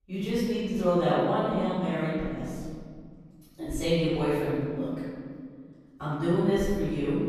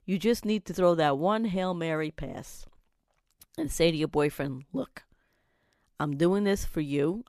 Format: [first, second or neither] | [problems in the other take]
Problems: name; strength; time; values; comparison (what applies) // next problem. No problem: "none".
second | room echo; strong; dies away in 2 s // off-mic speech; far